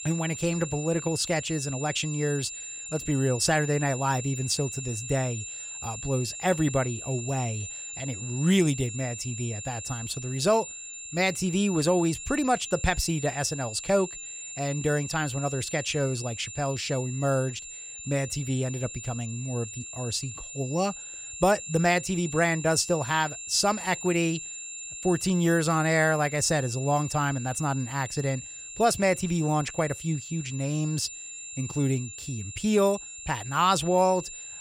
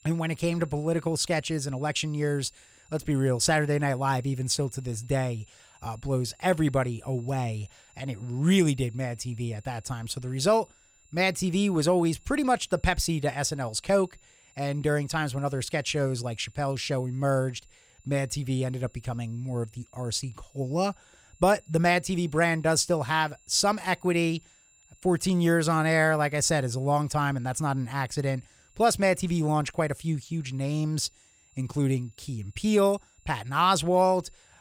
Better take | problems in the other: second | high-pitched whine; loud; throughout; 7 kHz, 9 dB below the speech; faint in the second

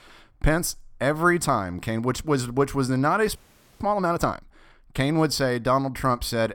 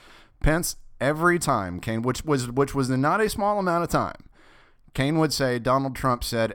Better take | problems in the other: second | audio freezing; at 3.5 s

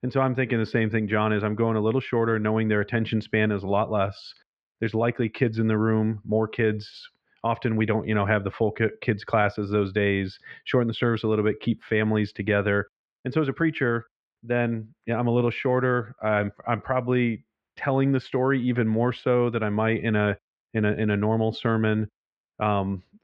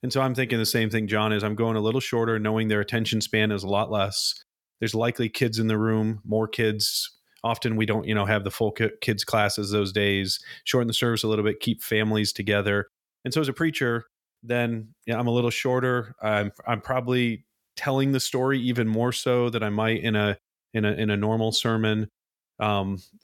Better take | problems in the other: second | muffled; very; fading above 2.5 kHz

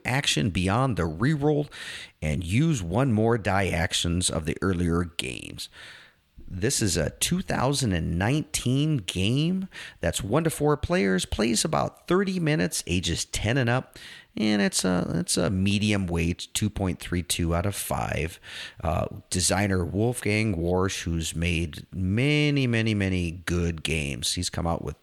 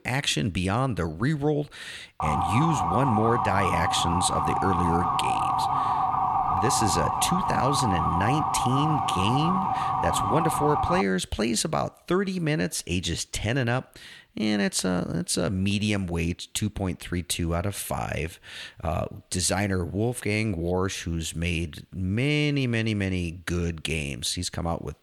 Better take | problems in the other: first | siren; loud; from 2 to 11 s; peak 3 dB above the speech

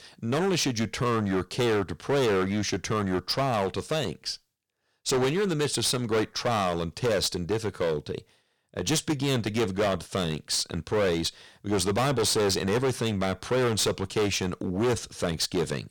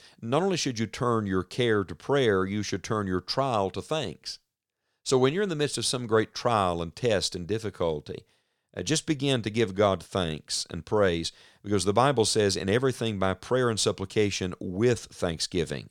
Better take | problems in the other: second | distortion; heavy; 15% of the sound clipped

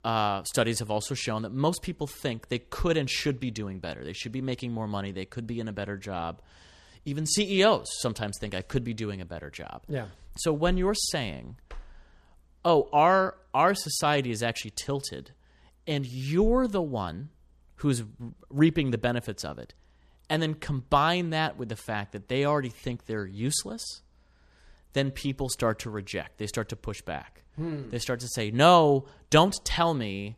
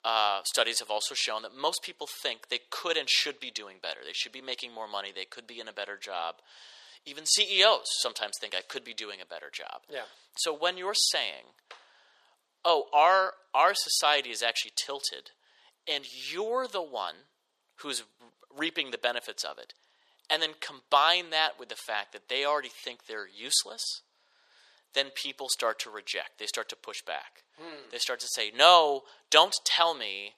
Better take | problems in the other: first | thin; very; fading below 550 Hz

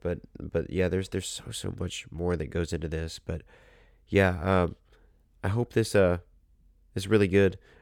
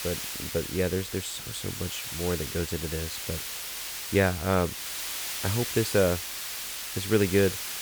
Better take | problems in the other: first | hiss; loud; throughout; 4 dB below the speech

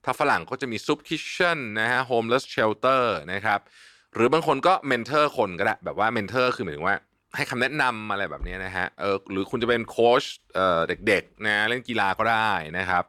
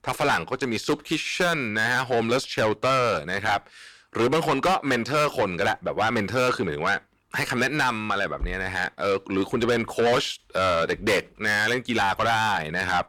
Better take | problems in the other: first | distortion; heavy; 6 dB below the speech

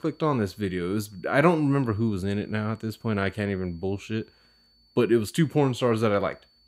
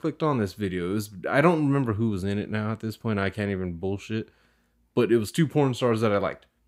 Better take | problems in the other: second | high-pitched whine; faint; throughout; 4.5 kHz, 35 dB below the speech

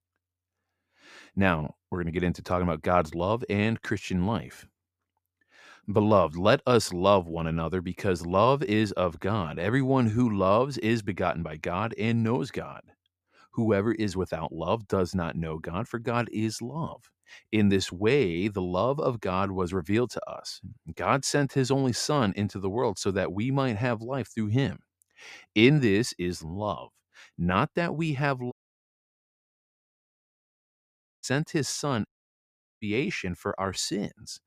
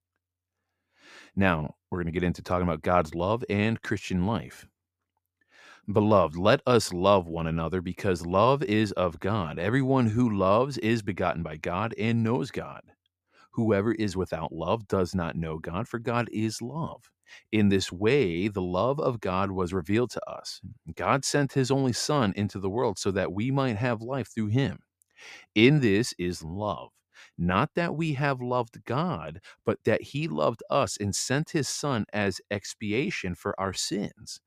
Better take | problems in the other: second | audio cutting out; at 29 s for 2.5 s and at 32 s for 0.5 s

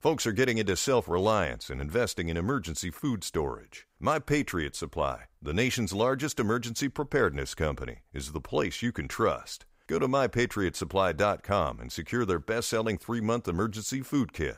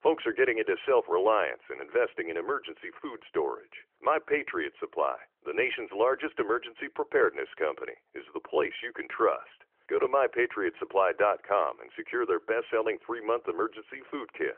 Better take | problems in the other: first | phone-call audio; nothing above 3 kHz

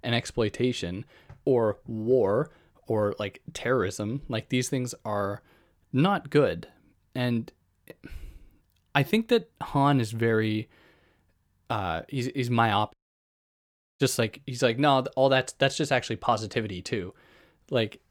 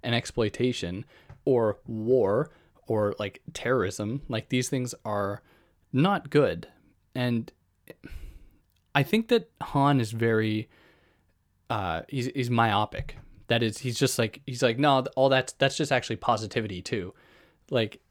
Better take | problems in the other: second | audio cutting out; at 13 s for 1 s

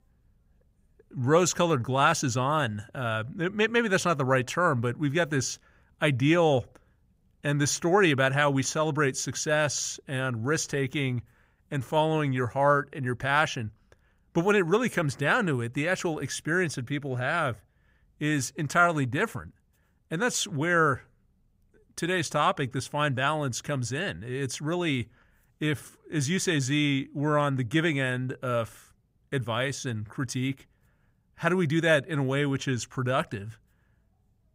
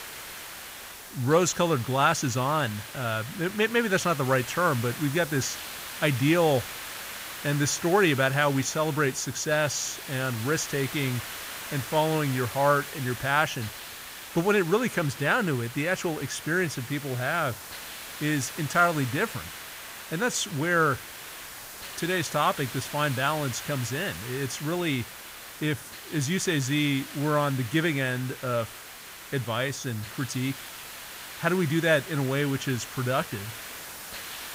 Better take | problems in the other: first | hiss; noticeable; throughout; 10 dB below the speech

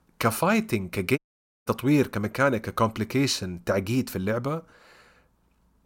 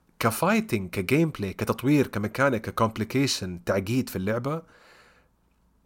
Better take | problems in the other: second | audio cutting out; at 1 s

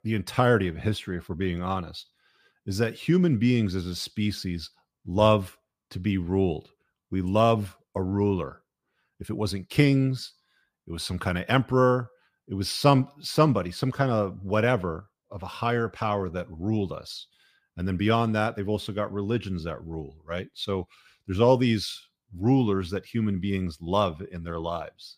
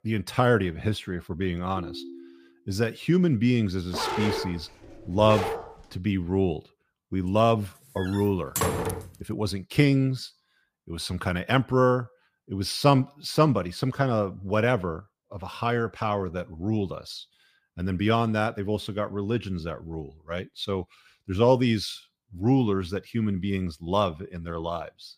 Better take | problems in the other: first | phone ringing; faint; at 2 s; peak 15 dB below the speech // dog barking; noticeable; from 4 to 6 s; peak 2 dB below the speech // door banging; noticeable; from 8 to 9 s; peak level with the speech

